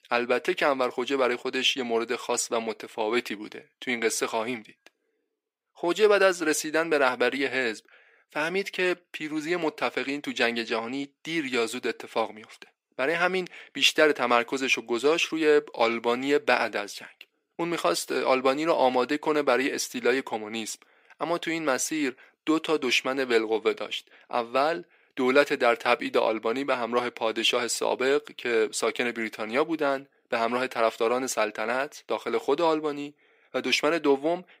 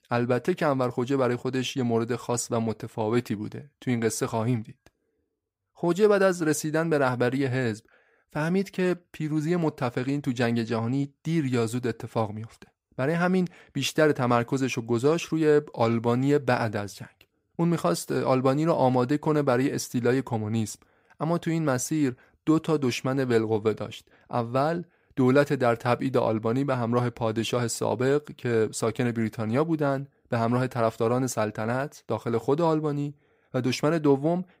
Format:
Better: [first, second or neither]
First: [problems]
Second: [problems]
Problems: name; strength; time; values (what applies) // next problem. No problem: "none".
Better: second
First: thin; somewhat; fading below 300 Hz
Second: none